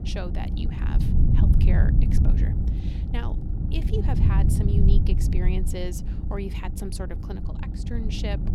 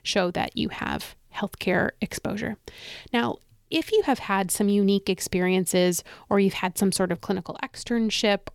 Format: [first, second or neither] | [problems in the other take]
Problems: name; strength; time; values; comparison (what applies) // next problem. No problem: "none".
second | low rumble; loud; throughout; 1 dB below the speech